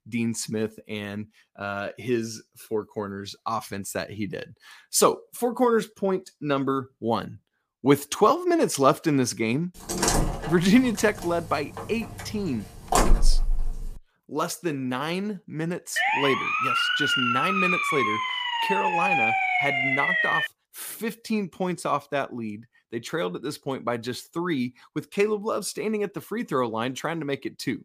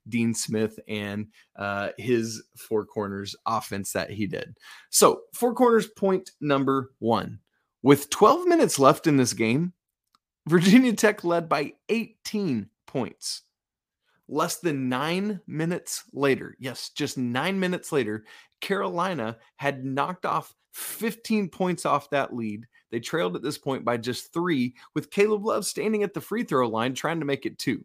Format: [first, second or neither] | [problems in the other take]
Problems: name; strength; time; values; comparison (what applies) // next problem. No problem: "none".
second | door banging; loud; from 10 to 14 s; peak 5 dB above the speech // siren; loud; from 16 to 20 s; peak 6 dB above the speech